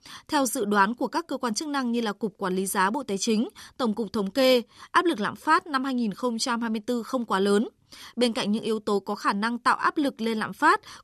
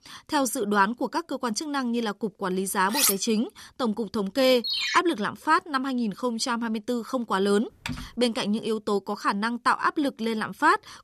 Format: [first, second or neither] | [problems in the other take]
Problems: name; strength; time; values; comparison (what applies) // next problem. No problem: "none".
first | clattering dishes; loud; at 3 s; peak 4 dB above the speech // phone ringing; loud; at 4.5 s; peak level with the speech // keyboard typing; noticeable; at 8 s; peak 10 dB below the speech